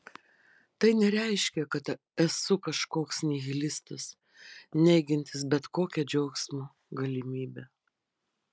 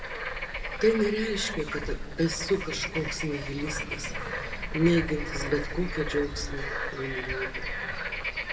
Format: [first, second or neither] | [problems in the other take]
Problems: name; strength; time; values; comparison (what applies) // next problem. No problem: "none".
first | background sound (Bird / Frog); 3 dB below the speech // room echo; dies away in 1.7 s